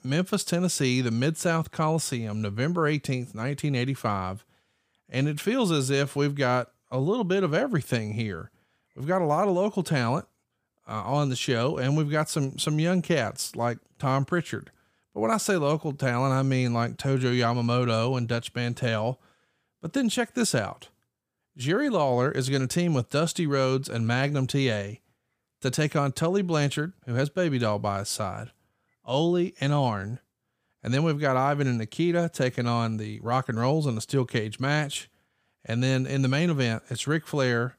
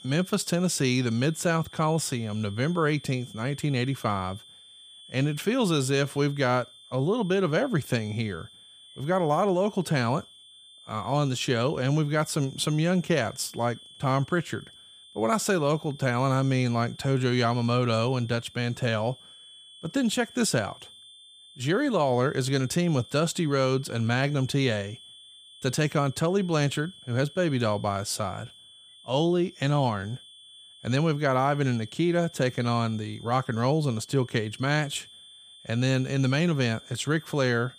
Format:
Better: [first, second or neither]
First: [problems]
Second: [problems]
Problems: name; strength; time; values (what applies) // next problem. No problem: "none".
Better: first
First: none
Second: high-pitched whine; faint; throughout; 3.5 kHz, 20 dB below the speech